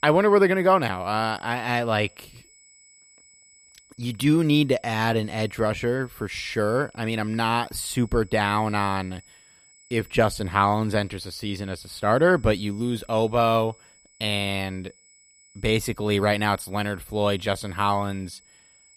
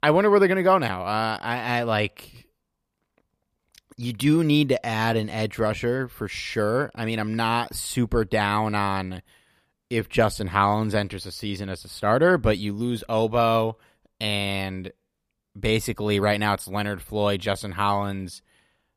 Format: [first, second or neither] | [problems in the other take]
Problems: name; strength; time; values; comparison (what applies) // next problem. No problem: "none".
second | high-pitched whine; faint; throughout; 8 kHz, 30 dB below the speech